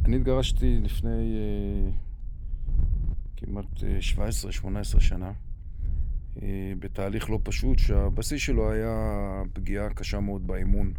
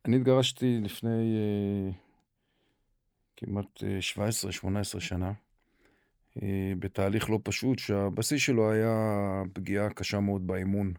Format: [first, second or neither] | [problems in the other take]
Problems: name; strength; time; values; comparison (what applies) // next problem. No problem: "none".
second | wind noise on the microphone; occasional gusts; 15 dB below the speech